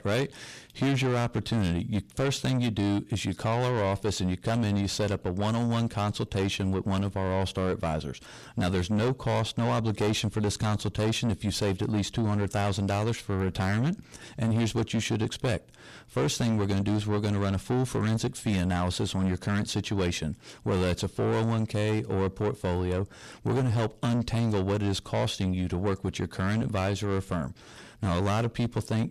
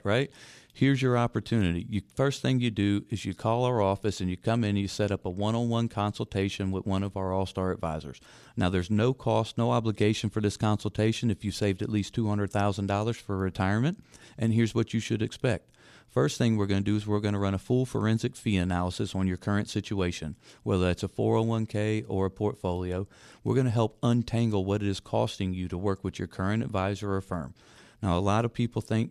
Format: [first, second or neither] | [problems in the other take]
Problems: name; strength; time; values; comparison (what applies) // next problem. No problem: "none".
second | distortion; heavy; 7 dB below the speech